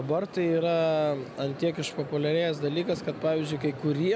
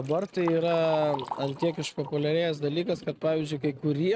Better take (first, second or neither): first